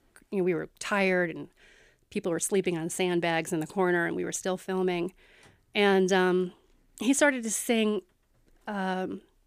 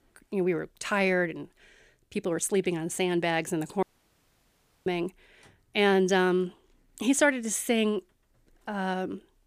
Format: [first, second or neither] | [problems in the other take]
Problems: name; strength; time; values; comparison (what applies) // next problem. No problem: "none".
first | audio cutting out; at 4 s for 1 s